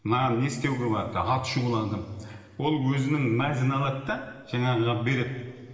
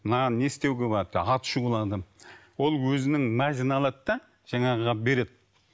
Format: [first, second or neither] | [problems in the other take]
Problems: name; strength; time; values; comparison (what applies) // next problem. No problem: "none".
second | room echo; dies away in 2.1 s